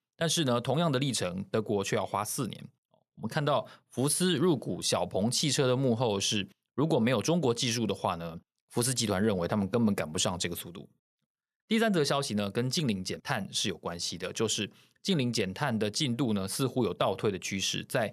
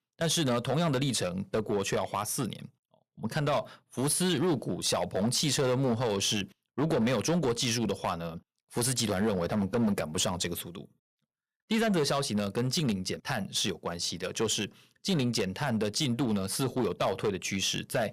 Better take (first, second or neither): first